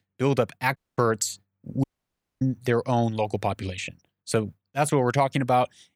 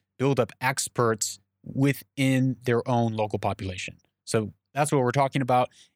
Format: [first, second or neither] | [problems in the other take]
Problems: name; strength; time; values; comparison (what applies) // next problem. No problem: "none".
second | audio cutting out; at 1 s and at 2 s for 0.5 s